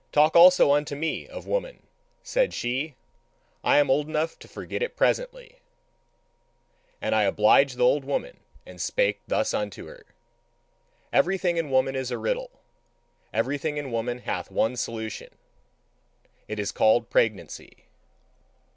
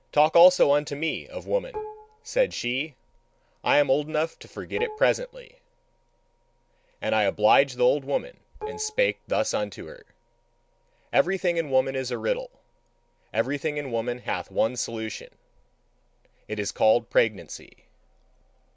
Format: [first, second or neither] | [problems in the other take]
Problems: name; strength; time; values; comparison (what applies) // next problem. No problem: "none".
first | background sound (Dishes, pots, and pans); 13 dB below the speech